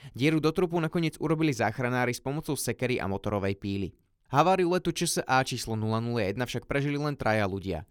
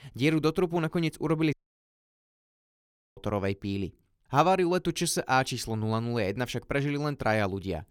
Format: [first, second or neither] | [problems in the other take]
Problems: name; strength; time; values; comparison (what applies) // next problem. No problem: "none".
first | audio cutting out; at 1.5 s for 1.5 s